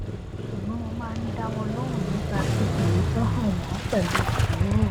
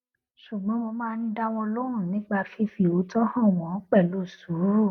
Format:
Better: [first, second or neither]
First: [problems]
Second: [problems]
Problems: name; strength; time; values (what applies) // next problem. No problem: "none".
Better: second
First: background sound (Engine starting / Motorcycle); 5 dB above the speech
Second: none